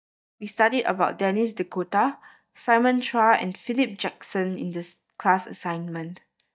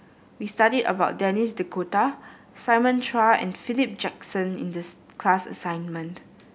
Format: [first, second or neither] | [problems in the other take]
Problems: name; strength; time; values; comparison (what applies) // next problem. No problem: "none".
second | noise reduction (neural mask model DeepFilterNet 3)